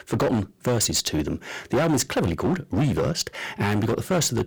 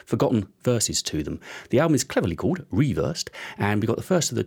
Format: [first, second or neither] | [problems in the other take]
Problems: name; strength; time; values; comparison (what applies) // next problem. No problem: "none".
second | distortion; heavy; 16% of the sound clipped